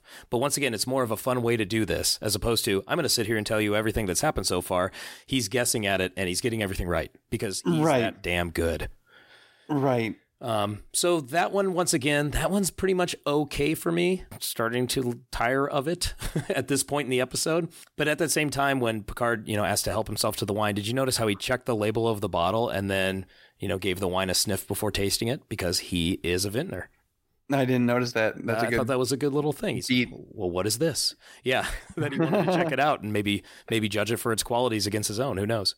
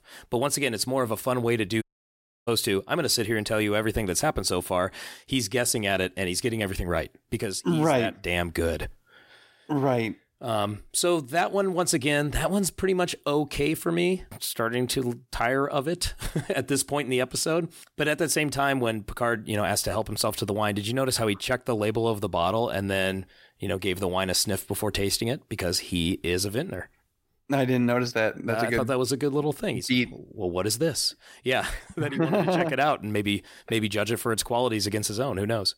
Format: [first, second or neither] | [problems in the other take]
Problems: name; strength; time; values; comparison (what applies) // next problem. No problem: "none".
first | audio cutting out; at 2 s for 0.5 s